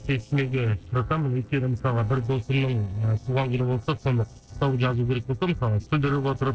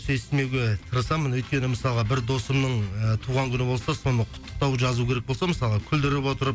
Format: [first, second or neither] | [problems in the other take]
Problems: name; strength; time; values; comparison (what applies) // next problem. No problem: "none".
second | noise reduction (neural separator model SepFormer DNS4)